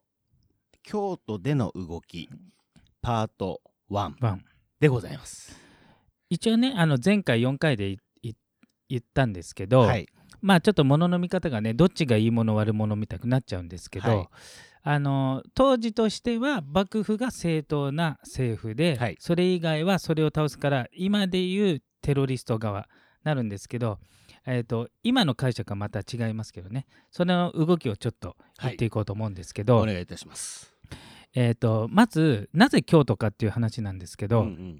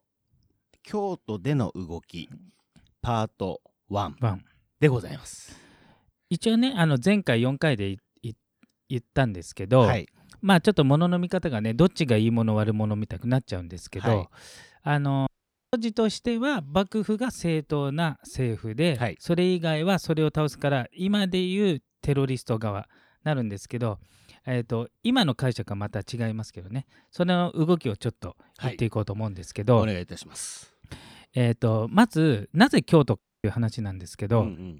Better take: first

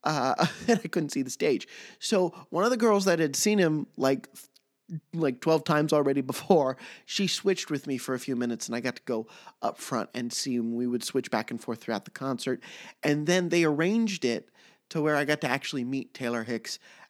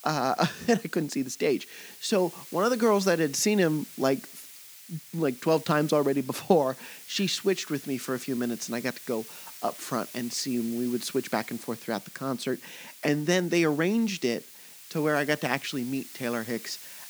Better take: first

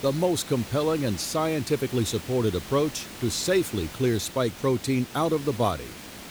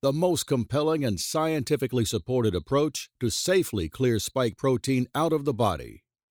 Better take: second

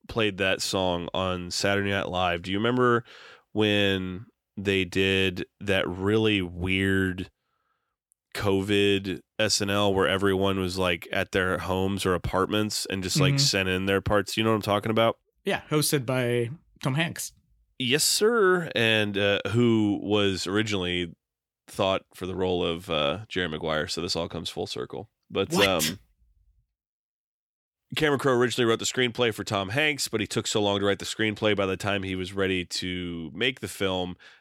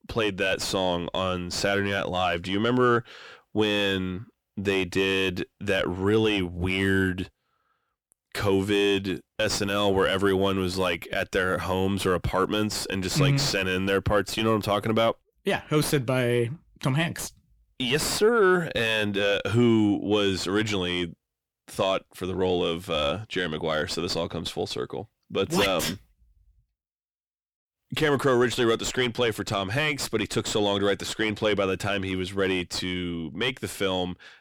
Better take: first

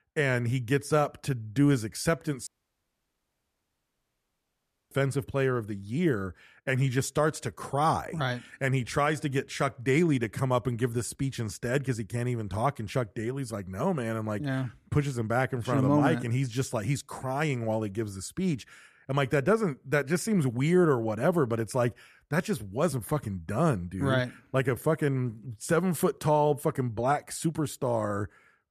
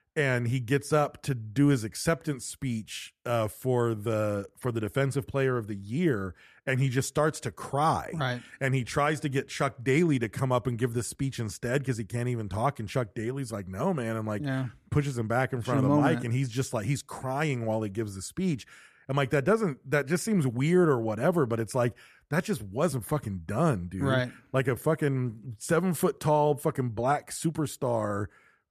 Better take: second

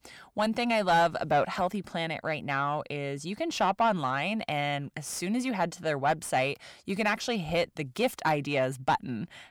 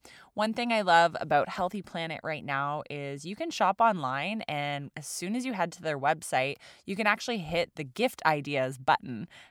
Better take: second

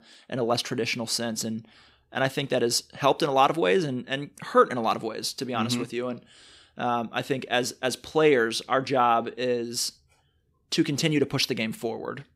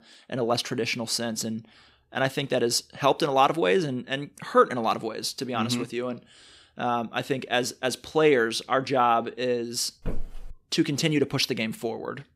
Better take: first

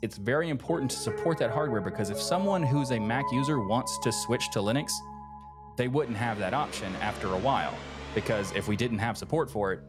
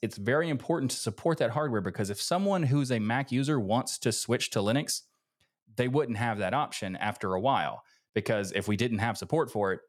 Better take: second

